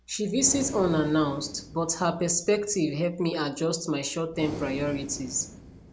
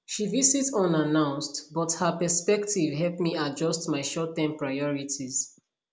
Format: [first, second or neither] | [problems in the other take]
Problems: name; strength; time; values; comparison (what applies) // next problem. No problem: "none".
second | background sound (Breathing); 15 dB below the speech